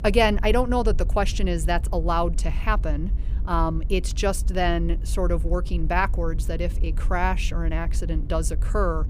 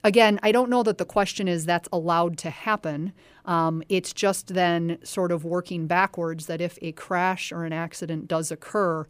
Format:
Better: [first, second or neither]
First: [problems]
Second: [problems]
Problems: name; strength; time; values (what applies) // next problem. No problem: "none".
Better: second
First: low rumble; faint; throughout; 20 dB below the speech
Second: none